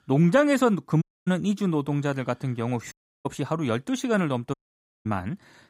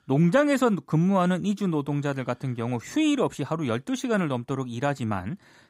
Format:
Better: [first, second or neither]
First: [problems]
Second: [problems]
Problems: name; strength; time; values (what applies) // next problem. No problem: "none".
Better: second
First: audio cutting out; at 1 s, at 3 s and at 4.5 s for 0.5 s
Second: none